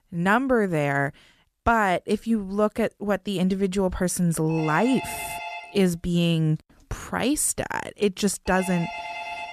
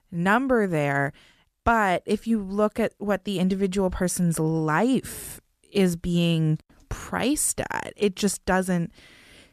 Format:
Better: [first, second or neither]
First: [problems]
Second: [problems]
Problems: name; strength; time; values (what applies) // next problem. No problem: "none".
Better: second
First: phone ringing; noticeable; from 4.5 s on; peak 8 dB below the speech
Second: none